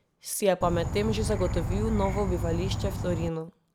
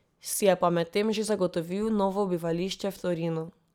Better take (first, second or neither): second